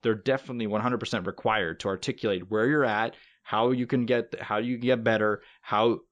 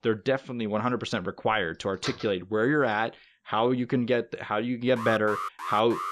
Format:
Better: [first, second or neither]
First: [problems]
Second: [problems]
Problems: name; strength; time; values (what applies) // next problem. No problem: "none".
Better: first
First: none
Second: door banging; noticeable; at 2 s; peak 9 dB below the speech // alarm; noticeable; from 5 s on; peak 6 dB below the speech